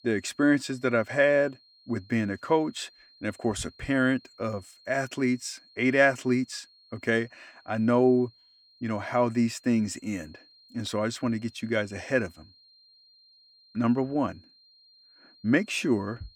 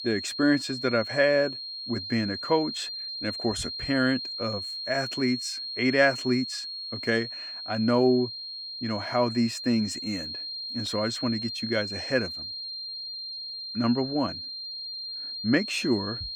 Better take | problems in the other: first | high-pitched whine; loud; throughout; 4 kHz, 6 dB below the speech; faint in the first

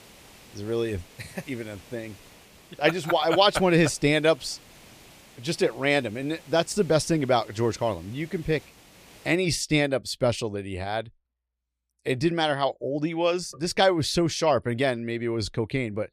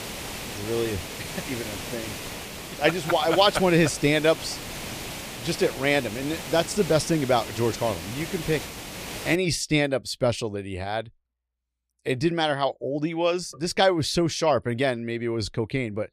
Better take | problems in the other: first | hiss; loud; until 9.5 s; 10 dB below the speech; faint in the first

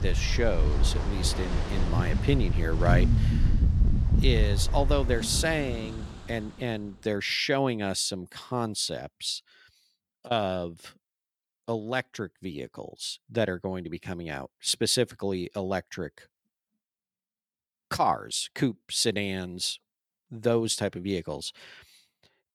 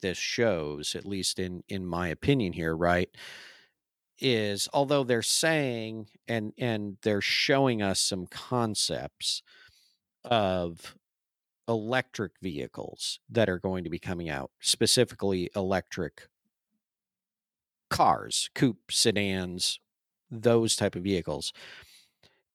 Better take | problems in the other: second | rain or running water; very loud; until 6.5 s; 2 dB above the speech

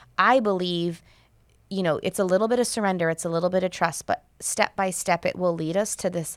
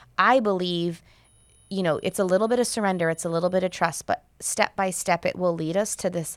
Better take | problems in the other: first | high-pitched whine; faint; from 1.5 to 4 s; 10.5 kHz, 35 dB below the speech

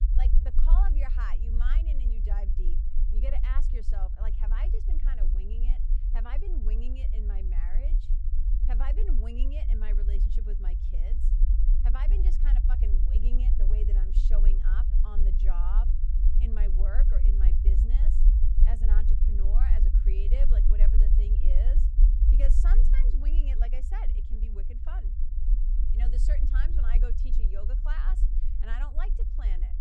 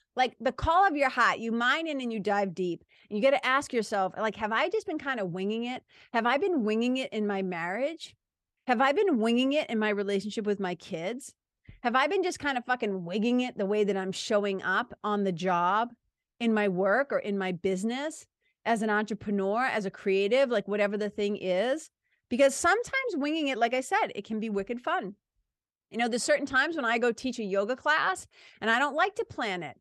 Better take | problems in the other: second | low rumble; loud; throughout; 4 dB below the speech

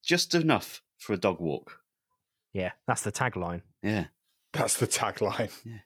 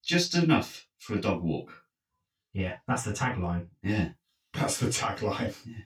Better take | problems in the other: first | room echo; slight; dies away in 0.2 s // off-mic speech; far

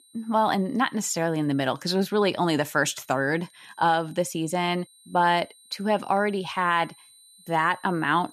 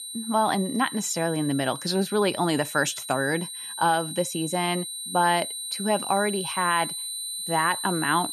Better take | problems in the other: first | high-pitched whine; loud; throughout; 4 kHz, 6 dB below the speech; faint in the first

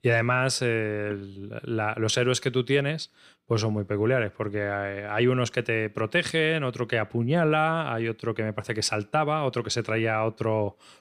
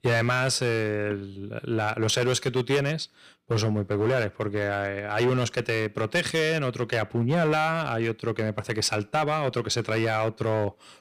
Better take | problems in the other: first | distortion; slight; 8% of the sound clipped

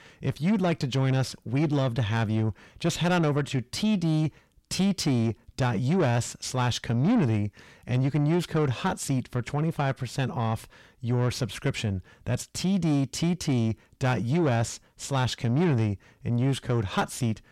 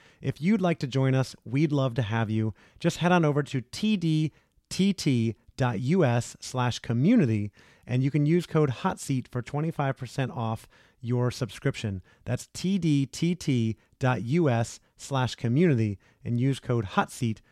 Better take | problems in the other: second | distortion; slight; 10 dB below the speech

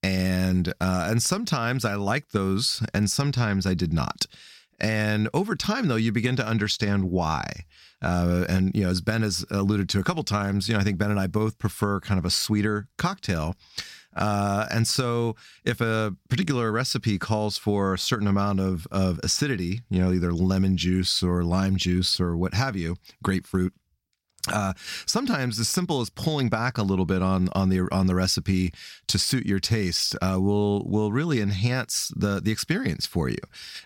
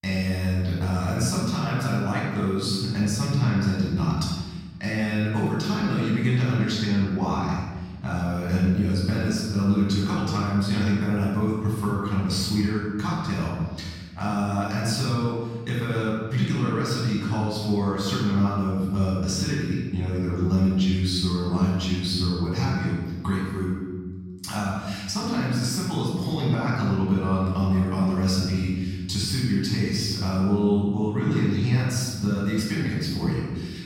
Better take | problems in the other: first | off-mic speech; far // room echo; strong; dies away in 1.4 s

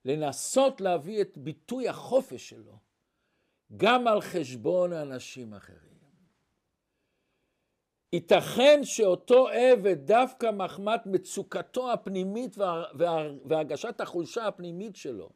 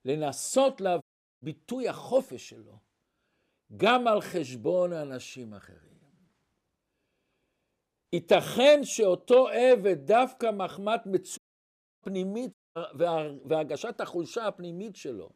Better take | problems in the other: first | audio cutting out; at 1 s, at 11 s for 0.5 s and at 13 s

